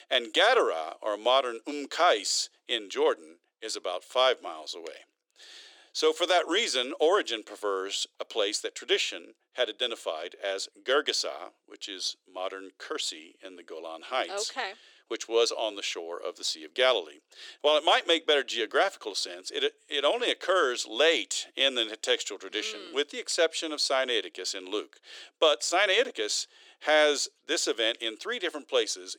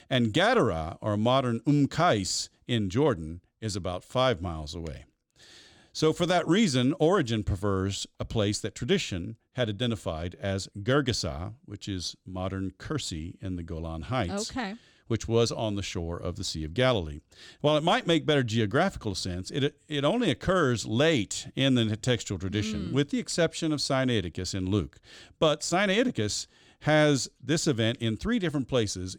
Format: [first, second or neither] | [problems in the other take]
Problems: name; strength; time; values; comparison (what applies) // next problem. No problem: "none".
second | thin; very; fading below 350 Hz